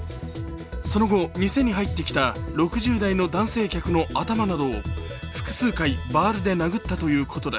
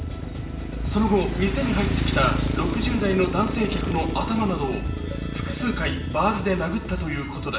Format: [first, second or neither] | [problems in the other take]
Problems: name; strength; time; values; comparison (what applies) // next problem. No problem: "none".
first | background sound (Motorcycle); 4 dB below the speech // room echo; dies away in 0.8 s